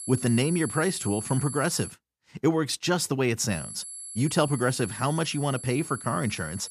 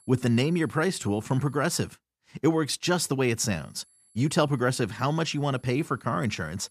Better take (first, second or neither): second